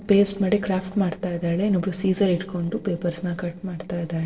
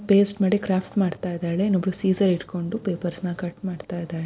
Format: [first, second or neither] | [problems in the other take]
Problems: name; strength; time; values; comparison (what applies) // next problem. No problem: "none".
second | noise reduction (neural separator model SepFormer DNS4)